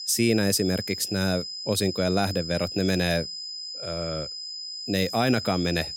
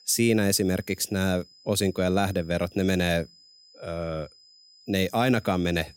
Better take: second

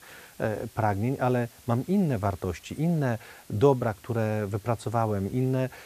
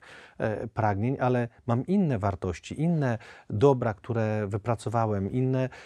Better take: second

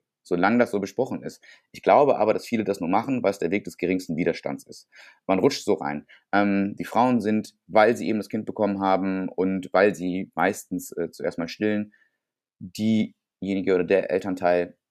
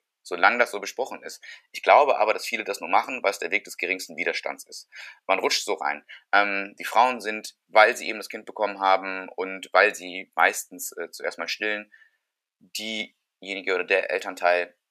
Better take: first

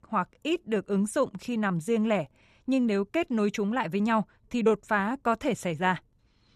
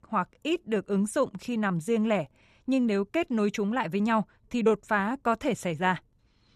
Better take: neither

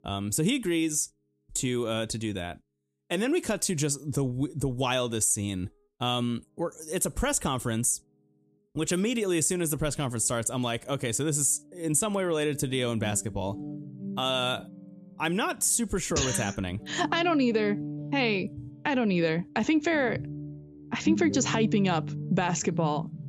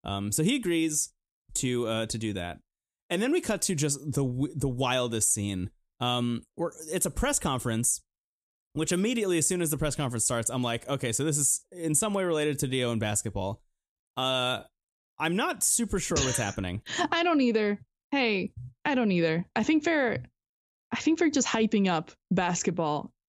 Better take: second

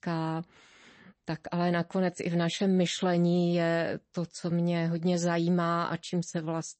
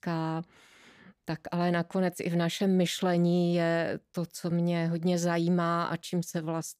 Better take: second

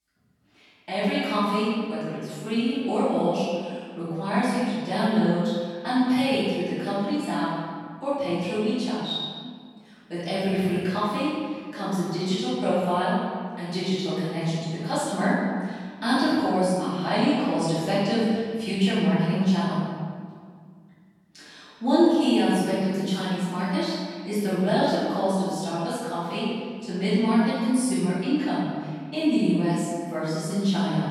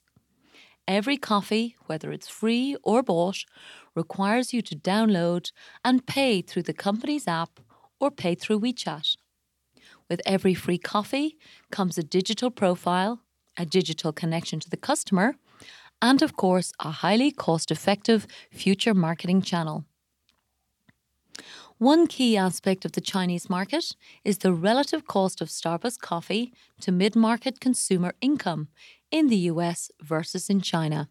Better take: second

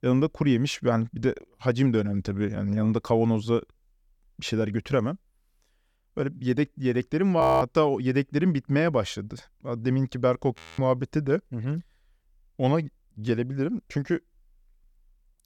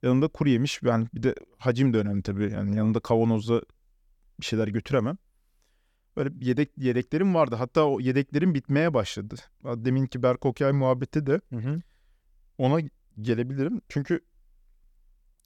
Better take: second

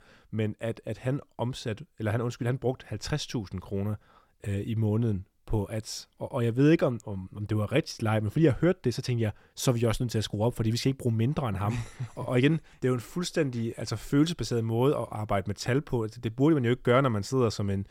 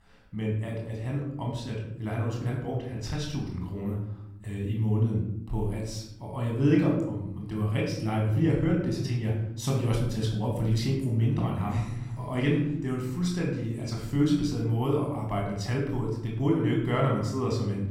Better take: first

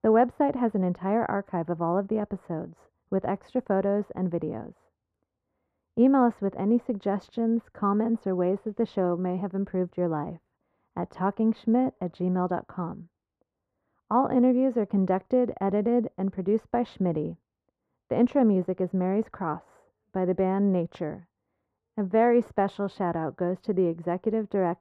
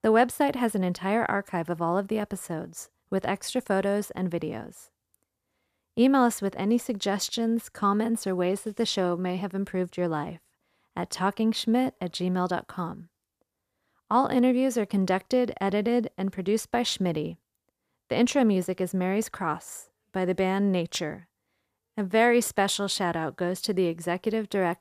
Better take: second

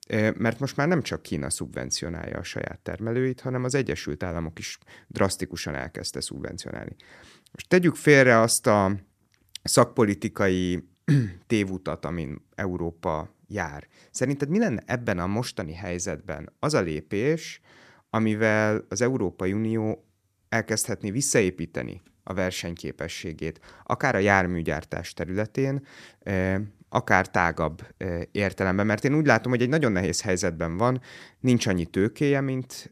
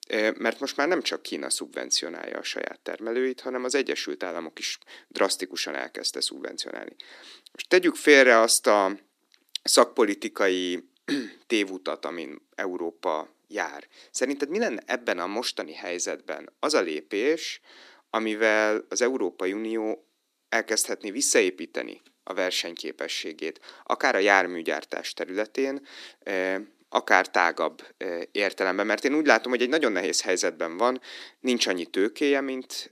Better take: first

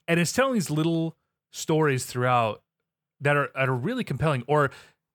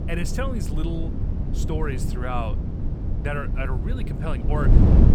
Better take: first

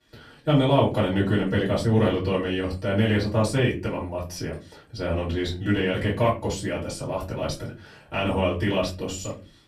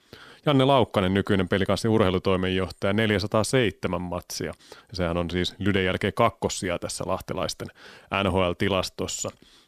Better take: second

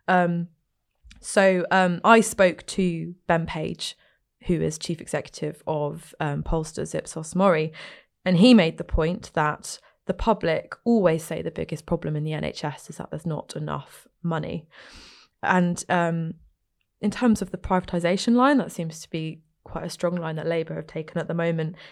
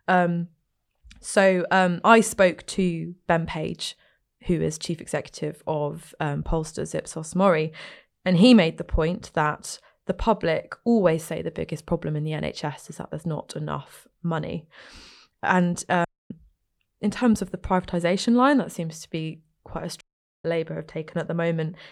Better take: first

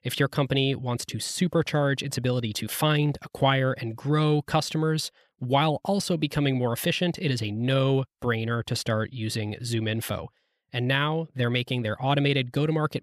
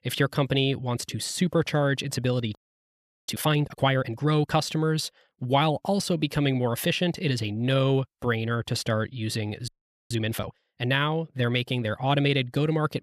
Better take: first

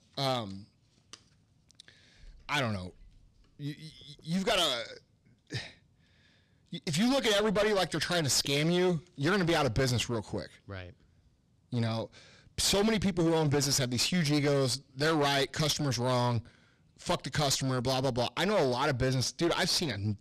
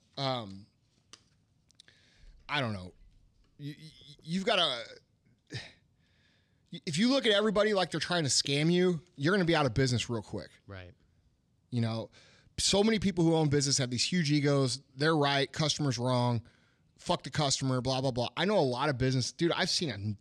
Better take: second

